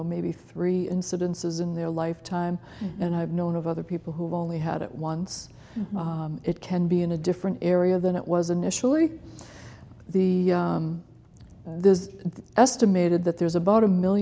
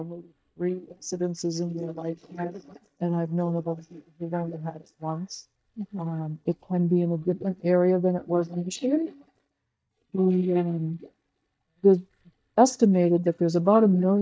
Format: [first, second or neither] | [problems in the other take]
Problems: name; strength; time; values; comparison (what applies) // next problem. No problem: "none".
first | noise reduction (neural mask model DeepFilterNet 3)